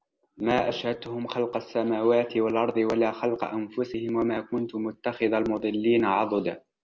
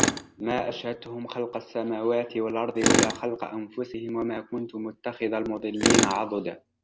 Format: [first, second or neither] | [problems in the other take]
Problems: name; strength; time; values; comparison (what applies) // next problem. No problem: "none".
first | background sound (Tools); 1 dB below the speech